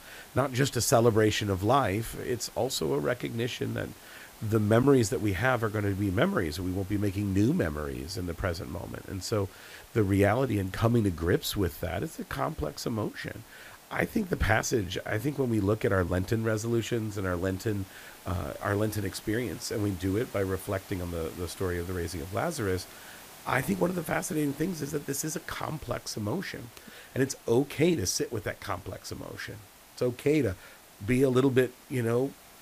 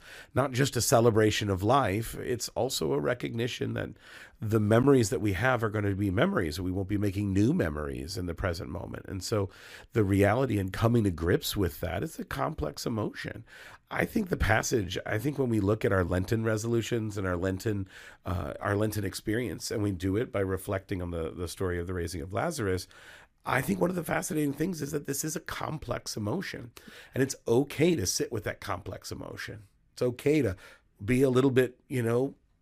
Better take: second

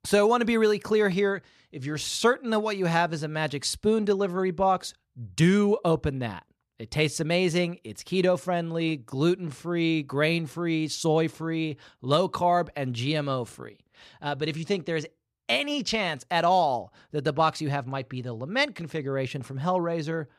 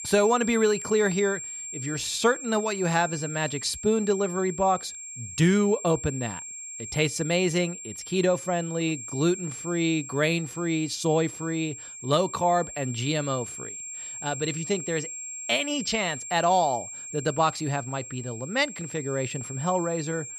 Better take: first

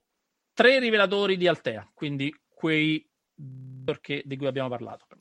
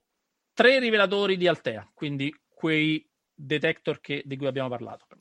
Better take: second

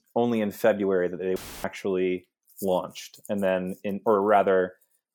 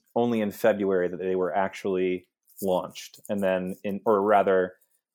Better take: second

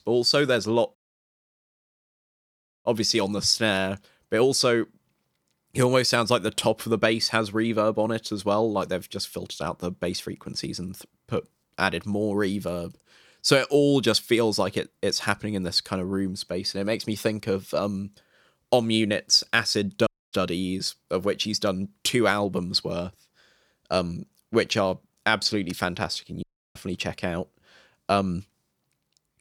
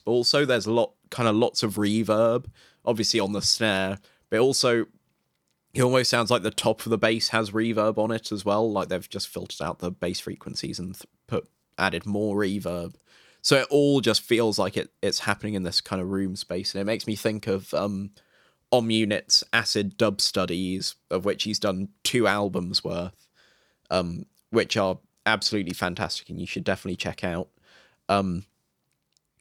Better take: second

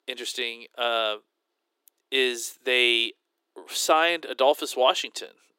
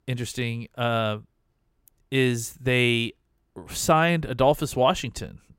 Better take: second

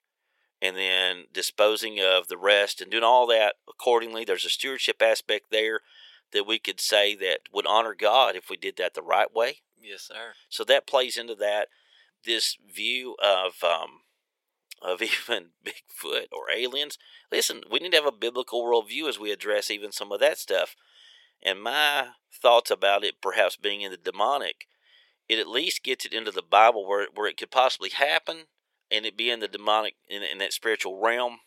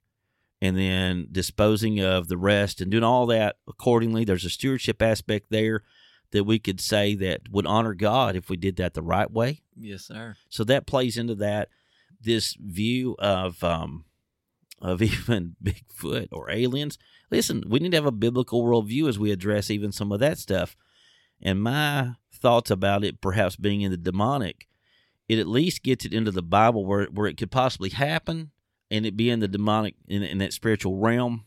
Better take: second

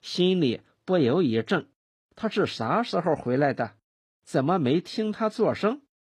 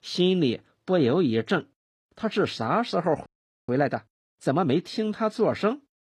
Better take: first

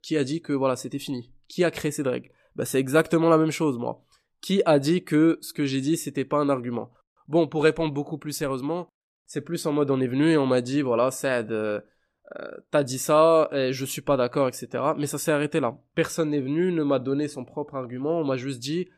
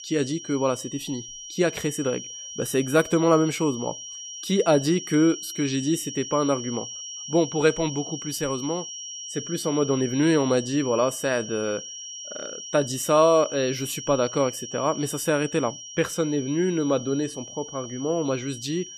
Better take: first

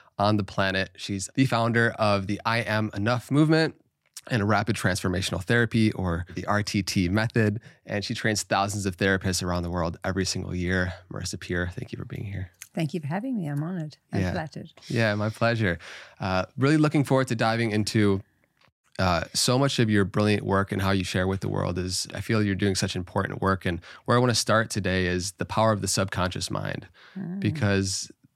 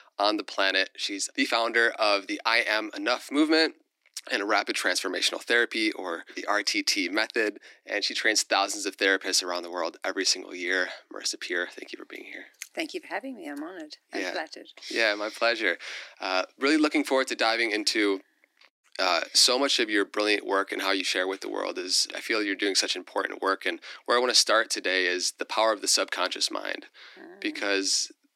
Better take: first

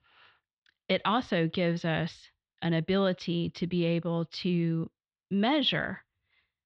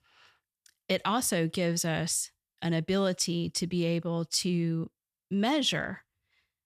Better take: second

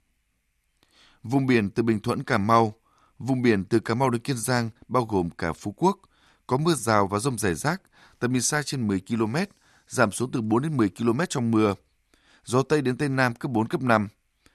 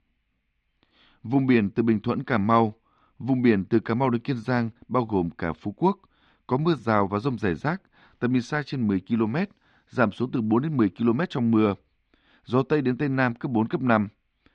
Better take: first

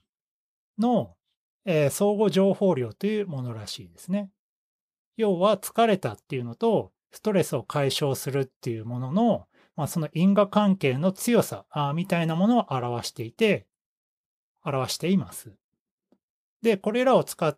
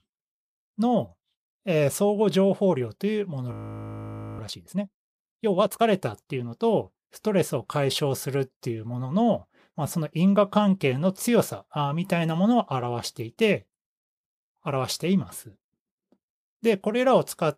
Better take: first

